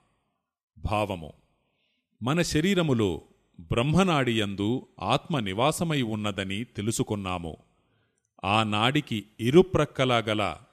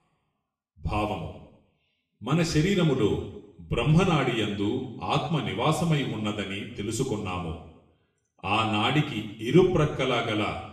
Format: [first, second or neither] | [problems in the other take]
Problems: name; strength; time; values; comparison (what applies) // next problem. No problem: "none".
first | room echo; noticeable; dies away in 0.7 s // off-mic speech; far